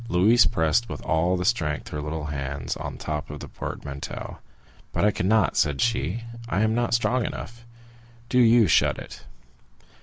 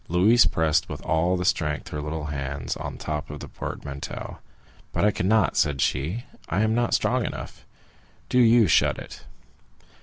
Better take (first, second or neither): second